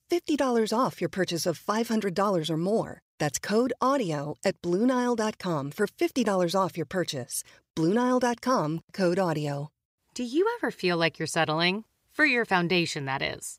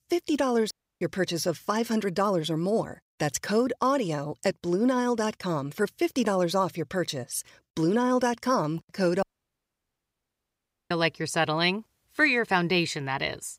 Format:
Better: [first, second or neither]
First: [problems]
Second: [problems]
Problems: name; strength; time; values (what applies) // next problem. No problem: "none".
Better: first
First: none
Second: audio cutting out; at 0.5 s and at 9 s for 1.5 s